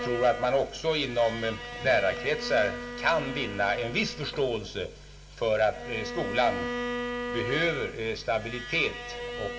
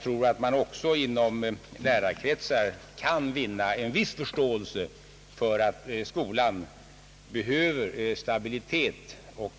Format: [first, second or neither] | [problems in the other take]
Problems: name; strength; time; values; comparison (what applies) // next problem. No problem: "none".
second | background sound (Bowed string instrument); 8 dB below the speech // room echo; dies away in 0.6 s